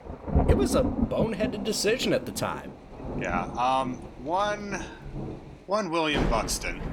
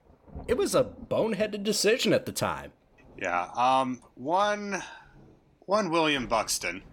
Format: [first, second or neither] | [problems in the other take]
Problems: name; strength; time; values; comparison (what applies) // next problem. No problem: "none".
second | rain or running water; loud; throughout; 3 dB below the speech; faint in the second